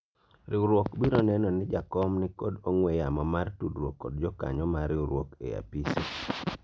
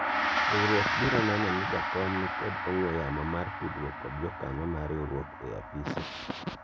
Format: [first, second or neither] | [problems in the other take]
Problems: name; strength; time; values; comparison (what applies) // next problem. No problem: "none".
first | background sound (Gong); as loud as the speech